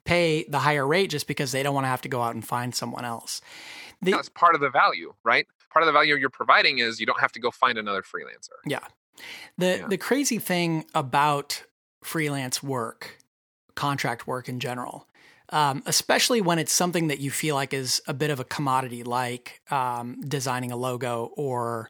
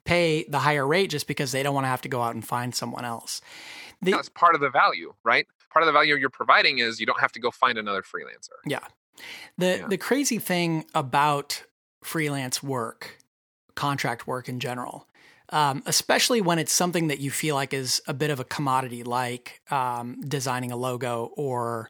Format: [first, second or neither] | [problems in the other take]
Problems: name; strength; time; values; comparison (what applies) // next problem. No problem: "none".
neither | none